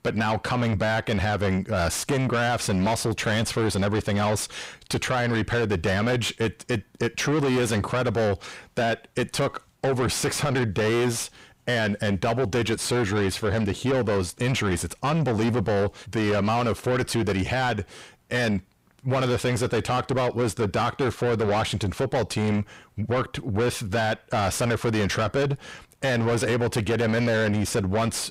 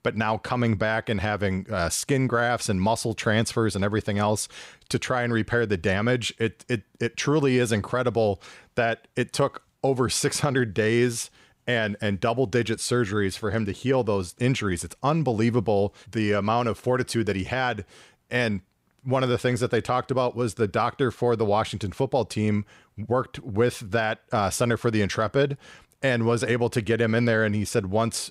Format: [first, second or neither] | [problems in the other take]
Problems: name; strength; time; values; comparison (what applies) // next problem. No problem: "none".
second | distortion; heavy; 7 dB below the speech